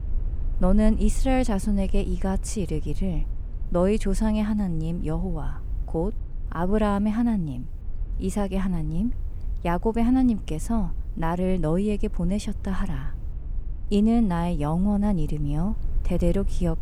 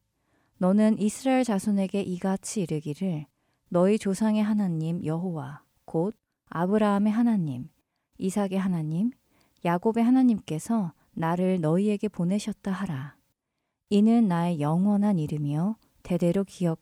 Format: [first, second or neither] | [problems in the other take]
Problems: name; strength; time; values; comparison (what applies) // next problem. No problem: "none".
second | low rumble; faint; throughout; 25 dB below the speech